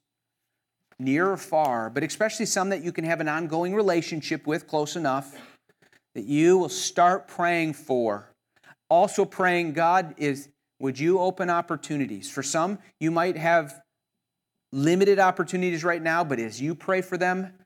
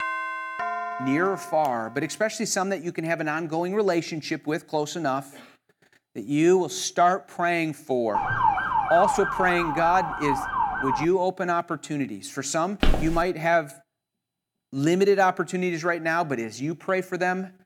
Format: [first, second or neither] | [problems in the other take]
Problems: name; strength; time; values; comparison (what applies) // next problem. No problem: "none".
first | doorbell; noticeable; until 2 s; peak 3 dB below the speech // siren; loud; from 8 to 11 s; peak 3 dB above the speech // footsteps; noticeable; at 13 s; peak 1 dB below the speech